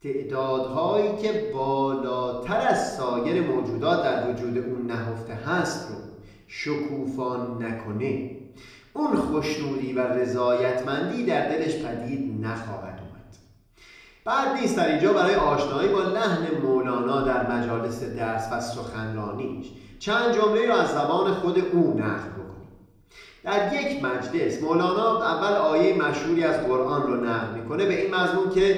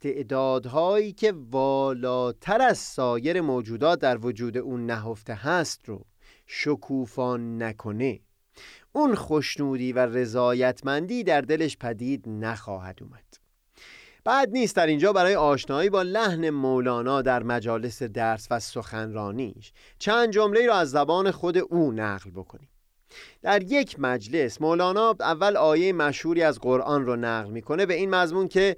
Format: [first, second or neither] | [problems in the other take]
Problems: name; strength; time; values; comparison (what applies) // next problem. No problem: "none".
second | off-mic speech; somewhat distant // room echo; noticeable; dies away in 0.8 s